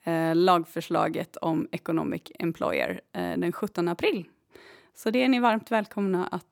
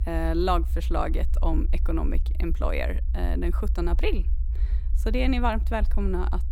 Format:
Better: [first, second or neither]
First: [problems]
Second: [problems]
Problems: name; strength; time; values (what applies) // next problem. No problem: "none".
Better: first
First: none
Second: low rumble; noticeable; throughout; 20 dB below the speech